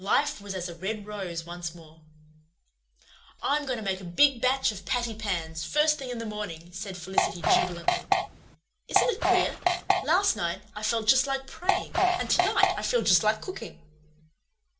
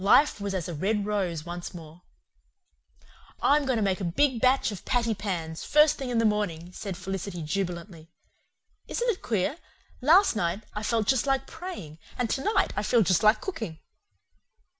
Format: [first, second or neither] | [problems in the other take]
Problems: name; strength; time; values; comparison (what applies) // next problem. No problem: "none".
second | background sound (Fart); 4 dB above the speech // room echo; dies away in 0.2 s